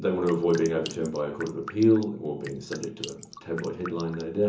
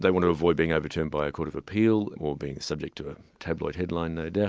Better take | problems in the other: second | background sound (Drip); 17 dB below the speech // room echo; dies away in 0.8 s

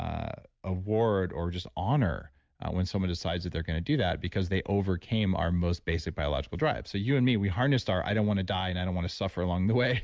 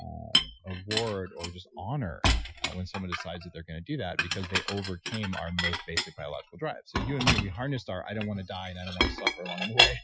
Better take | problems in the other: first | noise reduction (classical method Wiener filter)

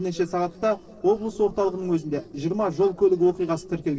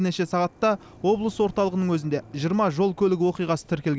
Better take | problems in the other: second | noise reduction (neural separator model SepFormer DNS4)

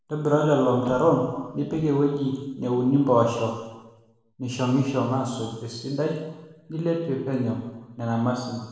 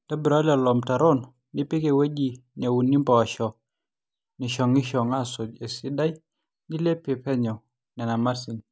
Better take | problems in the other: second | noise reduction (neural separator model SepFormer DNS4)

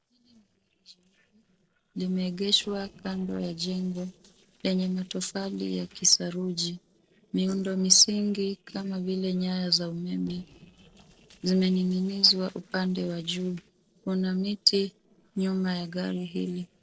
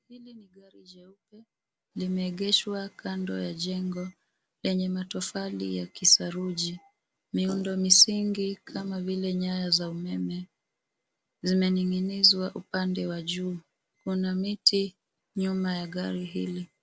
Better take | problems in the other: second | noise reduction (neural separator model SepFormer DNS4)

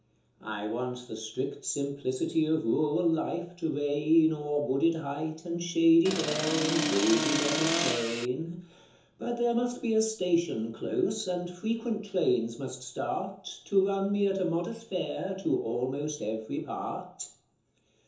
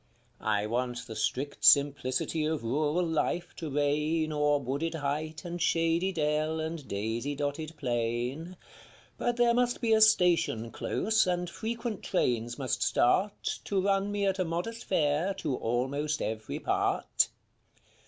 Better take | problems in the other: second | background sound (Accelerating, revving, vroom); as loud as the speech // room echo; dies away in 0.6 s

